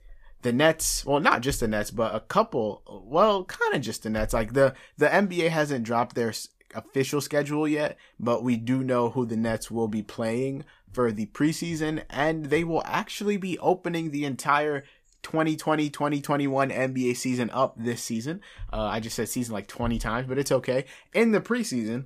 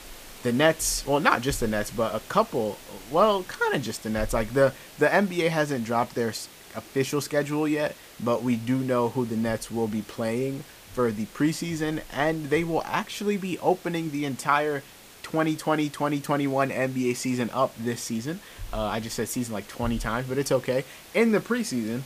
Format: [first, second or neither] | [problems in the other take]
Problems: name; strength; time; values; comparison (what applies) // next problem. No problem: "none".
first | hiss; noticeable; throughout; 20 dB below the speech